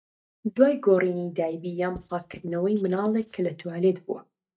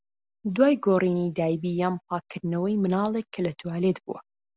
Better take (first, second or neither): second